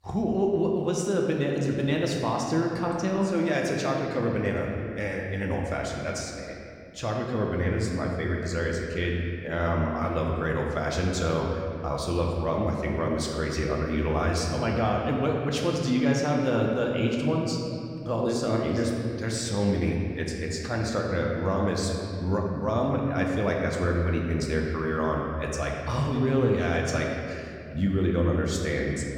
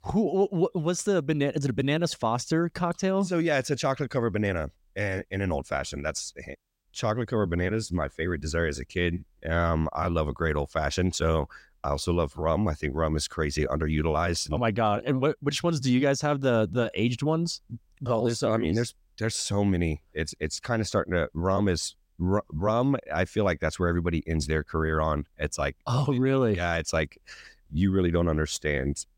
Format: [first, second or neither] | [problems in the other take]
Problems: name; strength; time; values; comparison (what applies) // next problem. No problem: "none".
second | room echo; noticeable; dies away in 2.2 s // off-mic speech; somewhat distant